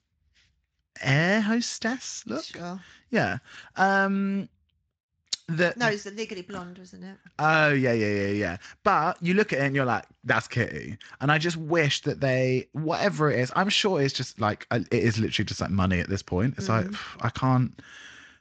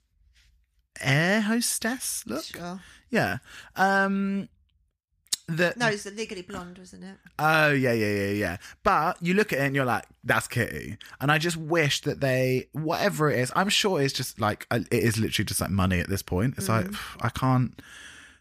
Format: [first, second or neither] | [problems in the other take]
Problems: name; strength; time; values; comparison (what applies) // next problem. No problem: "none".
second | garbled, watery; slightly; nothing above 7.5 kHz